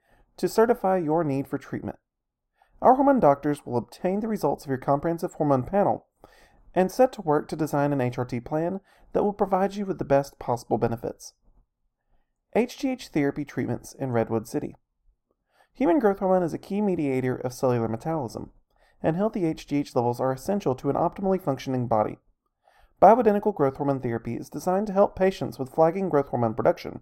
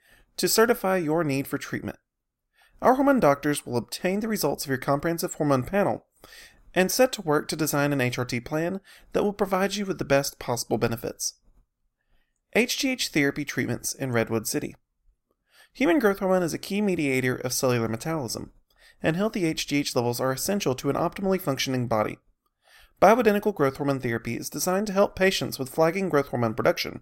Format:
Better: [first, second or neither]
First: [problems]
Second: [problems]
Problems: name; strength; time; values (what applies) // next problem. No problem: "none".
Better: second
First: muffled; very; fading above 1.5 kHz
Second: none